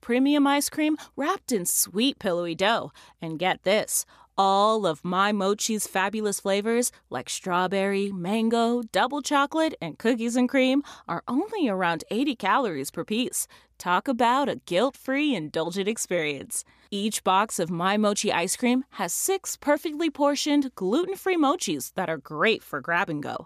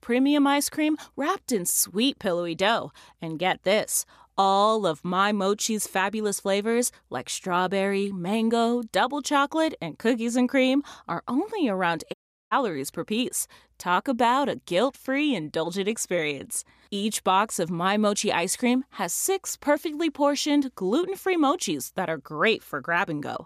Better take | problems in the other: first | audio cutting out; at 12 s

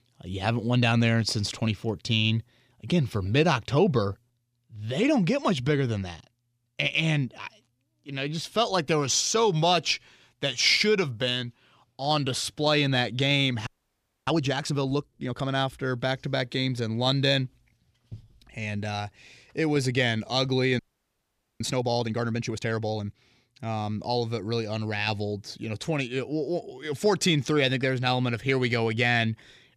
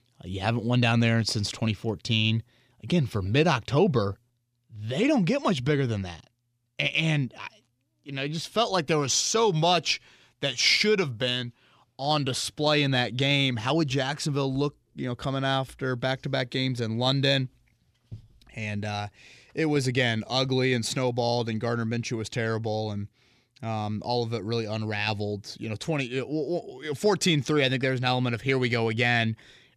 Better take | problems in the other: second | audio freezing; at 14 s for 0.5 s and at 21 s for 1 s

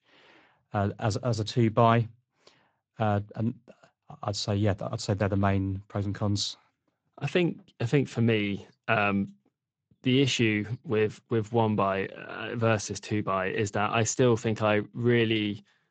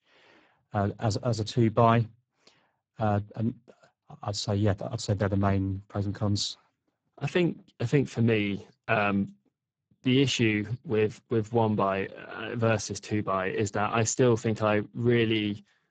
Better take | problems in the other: first | garbled, watery; badly; nothing above 7.5 kHz; slightly in the first

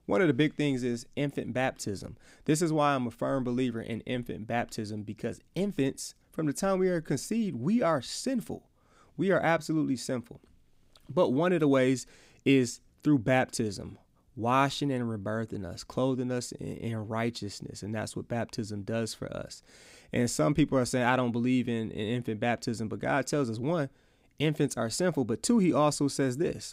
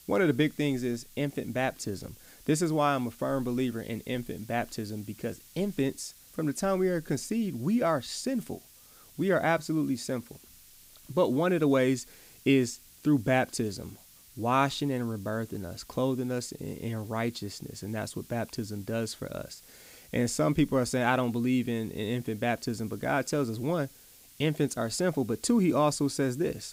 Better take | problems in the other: first | hiss; faint; throughout; 20 dB below the speech

